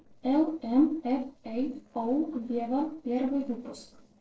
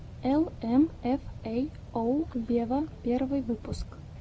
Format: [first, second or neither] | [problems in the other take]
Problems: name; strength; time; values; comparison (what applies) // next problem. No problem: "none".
second | noise reduction (neural separator model SepFormer DNS4)